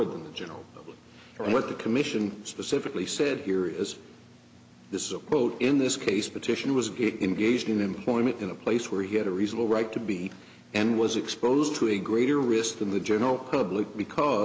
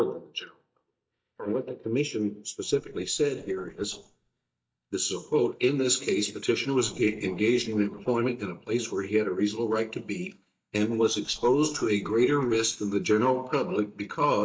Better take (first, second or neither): first